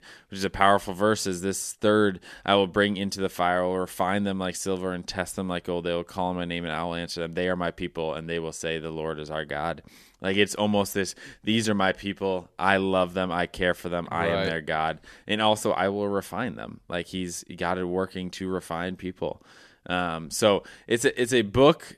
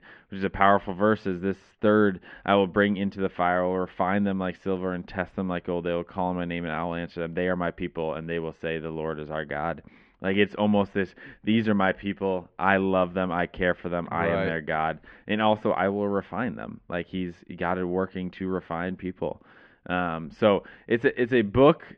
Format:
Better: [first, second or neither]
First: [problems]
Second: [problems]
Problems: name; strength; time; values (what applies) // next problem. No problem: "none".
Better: first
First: none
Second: muffled; very; fading above 2.5 kHz